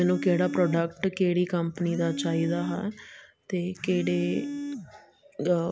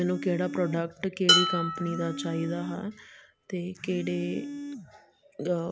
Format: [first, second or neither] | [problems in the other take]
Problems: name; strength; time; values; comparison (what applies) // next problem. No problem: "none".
first | background sound (Dishes, pots, and pans); 1 dB below the speech